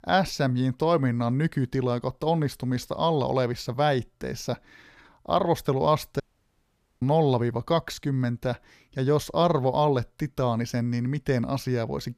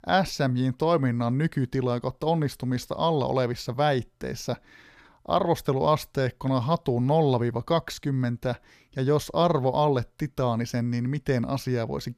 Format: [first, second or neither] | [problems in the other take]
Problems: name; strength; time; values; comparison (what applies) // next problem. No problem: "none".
second | audio cutting out; at 6 s for 1 s